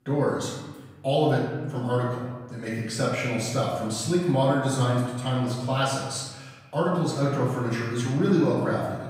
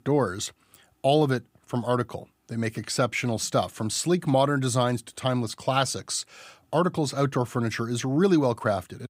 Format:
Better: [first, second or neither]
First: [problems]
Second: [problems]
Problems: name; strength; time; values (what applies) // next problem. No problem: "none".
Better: second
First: room echo; noticeable; dies away in 1.2 s // off-mic speech; far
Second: none